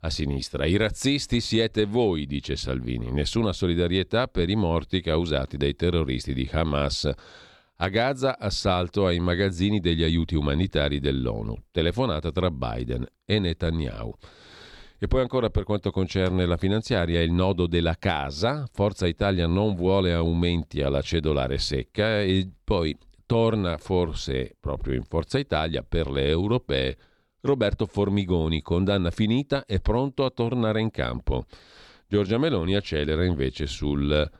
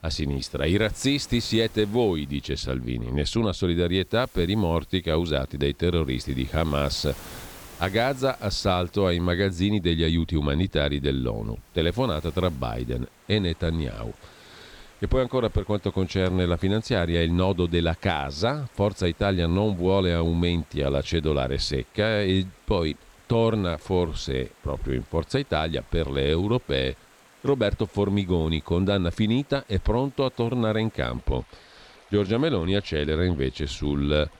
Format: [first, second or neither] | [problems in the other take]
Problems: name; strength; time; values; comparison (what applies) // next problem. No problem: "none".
first | rain or running water; faint; throughout; 25 dB below the speech